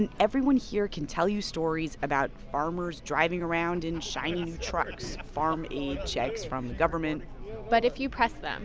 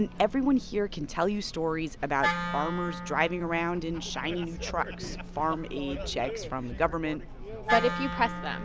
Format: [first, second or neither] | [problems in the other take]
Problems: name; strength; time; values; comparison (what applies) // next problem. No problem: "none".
first | background sound (Wind instrument, woodwind instrument); 8 dB below the speech